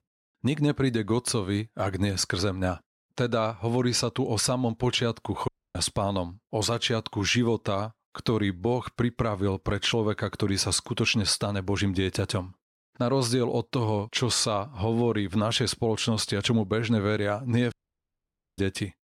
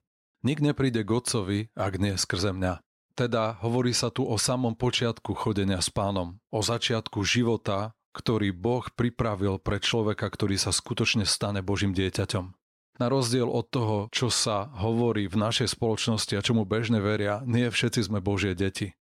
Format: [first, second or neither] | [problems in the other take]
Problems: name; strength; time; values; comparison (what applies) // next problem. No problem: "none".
second | audio cutting out; at 5.5 s and at 18 s for 1 s